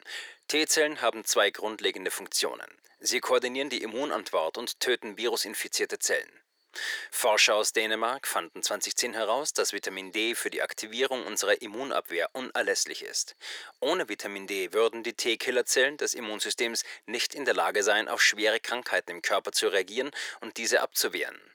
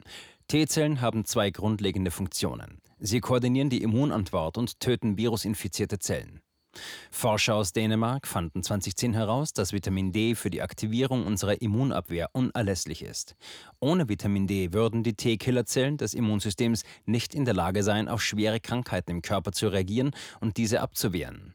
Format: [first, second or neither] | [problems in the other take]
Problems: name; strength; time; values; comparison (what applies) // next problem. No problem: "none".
second | thin; very; fading below 400 Hz